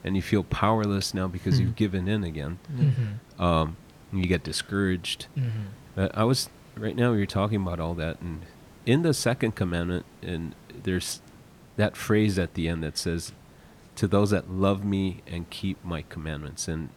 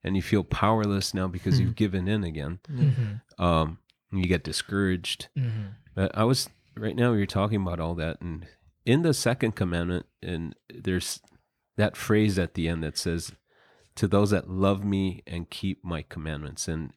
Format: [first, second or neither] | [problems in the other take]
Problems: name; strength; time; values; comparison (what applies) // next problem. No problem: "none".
second | hiss; faint; throughout; 25 dB below the speech